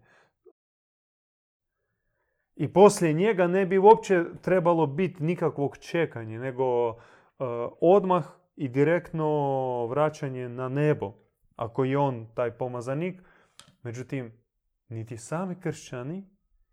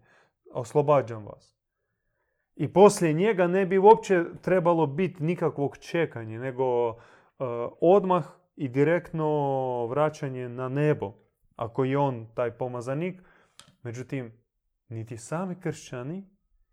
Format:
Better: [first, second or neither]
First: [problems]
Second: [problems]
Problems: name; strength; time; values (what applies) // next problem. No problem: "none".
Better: second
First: audio cutting out; at 0.5 s for 1 s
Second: none